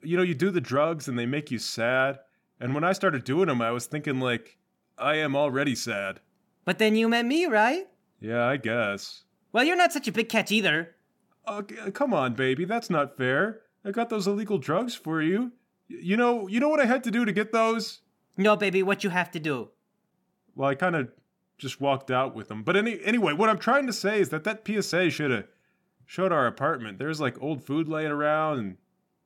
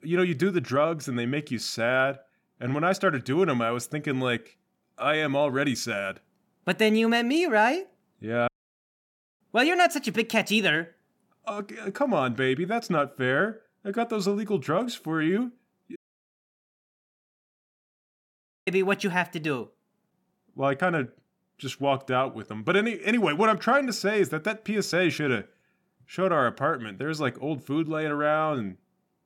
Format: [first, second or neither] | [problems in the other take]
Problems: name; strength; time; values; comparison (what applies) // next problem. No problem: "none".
first | audio cutting out; at 8.5 s for 1 s and at 16 s for 2.5 s